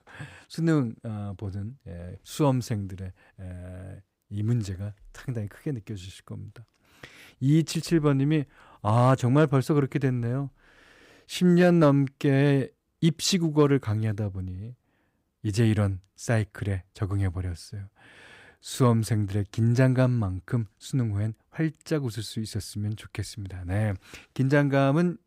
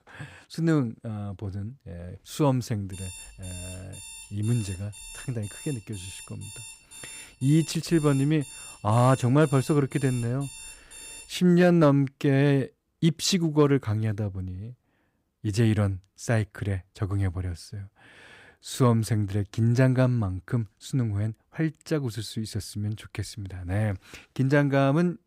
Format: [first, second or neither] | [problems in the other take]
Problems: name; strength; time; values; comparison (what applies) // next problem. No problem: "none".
first | alarm; faint; from 3 to 11 s; peak 15 dB below the speech